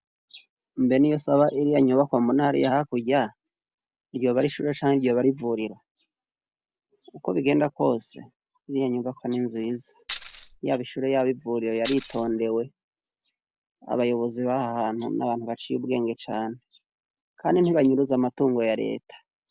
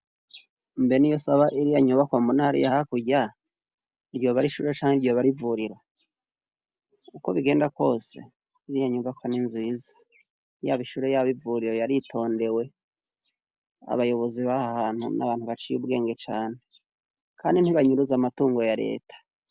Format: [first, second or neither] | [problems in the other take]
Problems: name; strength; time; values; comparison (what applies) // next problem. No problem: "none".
second | background sound (Tambourine); 14 dB below the speech